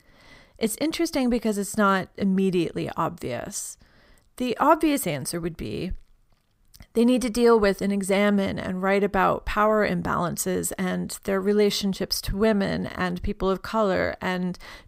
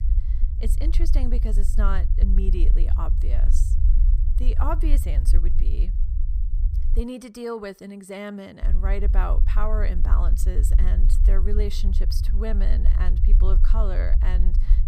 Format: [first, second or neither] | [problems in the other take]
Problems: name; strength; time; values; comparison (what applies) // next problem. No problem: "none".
first | low rumble; loud; until 7 s and from 8.5 s on; 10 dB below the speech